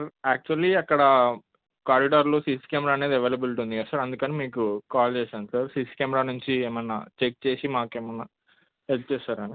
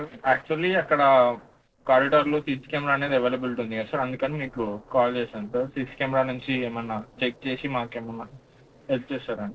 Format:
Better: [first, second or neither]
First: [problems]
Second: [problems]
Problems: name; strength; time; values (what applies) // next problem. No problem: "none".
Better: first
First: none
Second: noise reduction (neural separator model SepFormer DNS4)